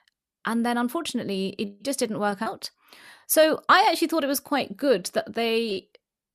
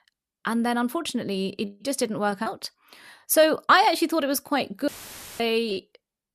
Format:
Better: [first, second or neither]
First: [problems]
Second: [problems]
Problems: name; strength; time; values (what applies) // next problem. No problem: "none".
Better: first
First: none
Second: audio cutting out; filled with static; at 5 s for 0.5 s